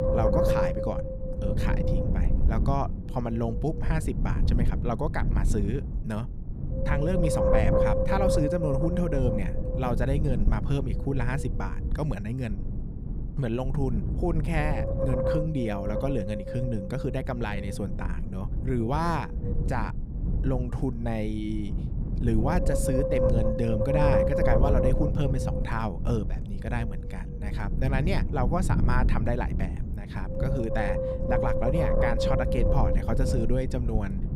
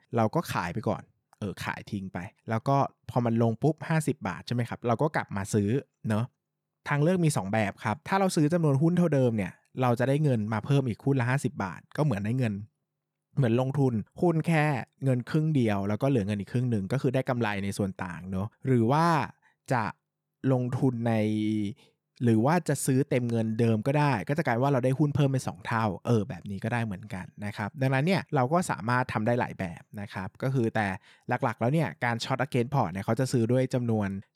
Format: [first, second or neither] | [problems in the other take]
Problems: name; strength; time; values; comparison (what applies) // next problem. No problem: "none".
second | wind noise on the microphone; heavy; 2 dB above the speech